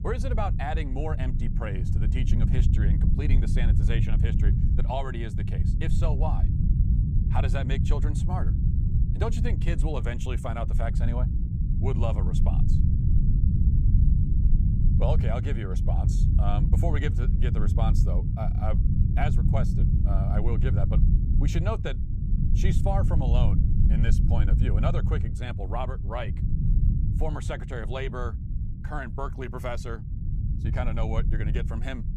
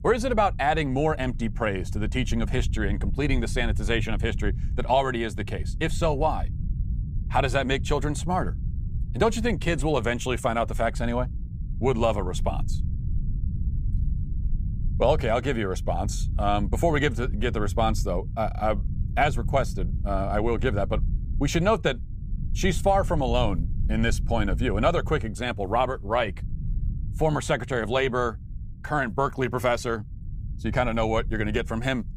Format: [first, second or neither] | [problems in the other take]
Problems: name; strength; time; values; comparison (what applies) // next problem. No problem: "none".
second | low rumble; loud; throughout; 4 dB below the speech; faint in the second